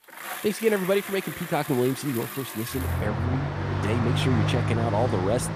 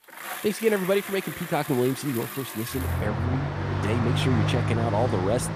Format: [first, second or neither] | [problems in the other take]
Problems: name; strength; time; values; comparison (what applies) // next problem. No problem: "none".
neither | traffic noise; loud; throughout; 2 dB below the speech; the same in both